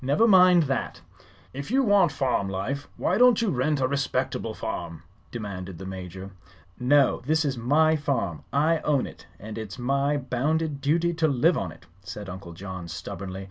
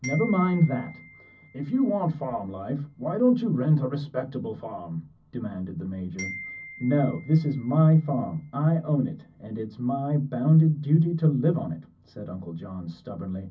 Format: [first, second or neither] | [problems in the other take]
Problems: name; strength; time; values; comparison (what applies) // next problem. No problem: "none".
first | background sound (Glockenspiel); 19 dB below the speech // room echo; dies away in 0.4 s